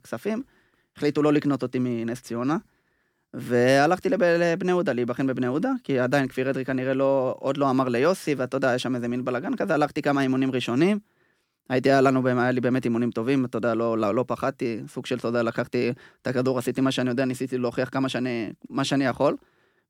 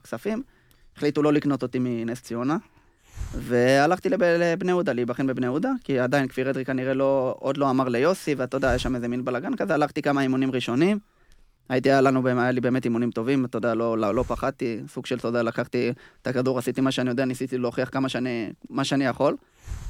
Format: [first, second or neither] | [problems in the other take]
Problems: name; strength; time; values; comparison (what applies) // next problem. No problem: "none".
first | hiss; noticeable; throughout; 20 dB below the speech